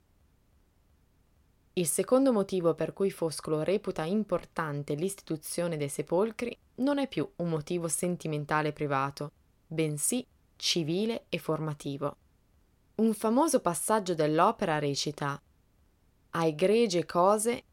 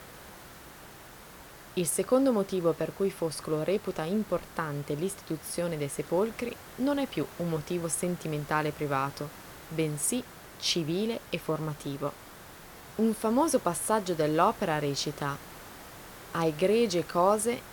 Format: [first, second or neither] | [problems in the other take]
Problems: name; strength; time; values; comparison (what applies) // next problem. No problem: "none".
first | hiss; noticeable; throughout; 15 dB below the speech